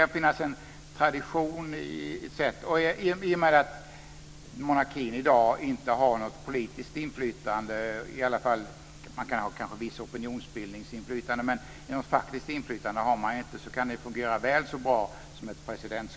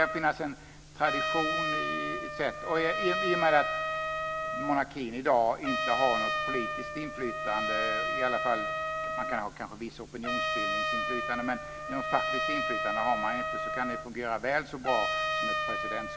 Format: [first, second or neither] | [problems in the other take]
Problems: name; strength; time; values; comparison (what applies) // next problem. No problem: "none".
first | background sound (Trumpet); as loud as the speech